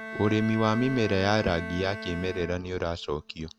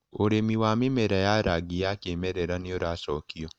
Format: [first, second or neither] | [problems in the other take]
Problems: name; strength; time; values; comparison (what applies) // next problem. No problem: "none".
second | background sound (Bowed string instrument); 11 dB below the speech